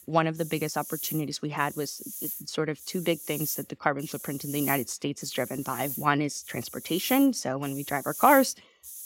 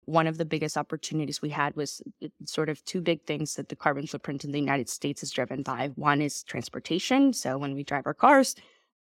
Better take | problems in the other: second | hiss; loud; throughout; 8 dB below the speech

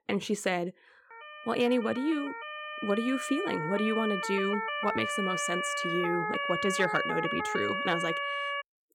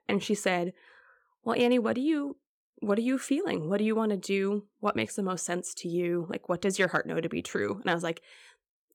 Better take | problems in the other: second | siren; loud; from 1 s on; peak 1 dB above the speech

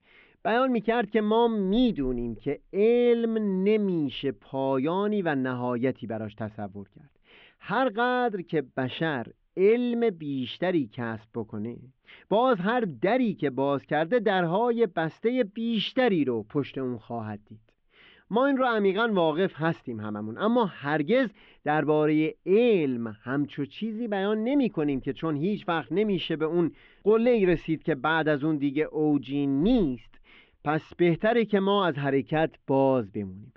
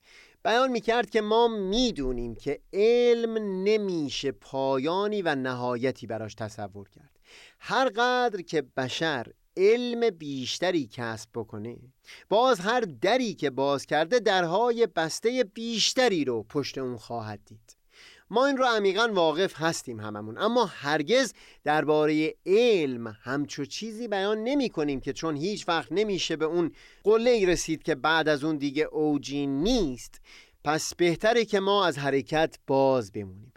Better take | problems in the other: second | muffled; very; fading above 3 kHz

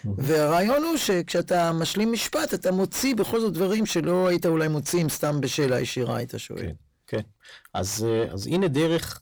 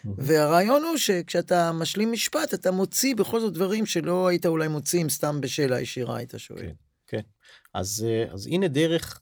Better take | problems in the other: second | distortion; slight; 10 dB below the speech

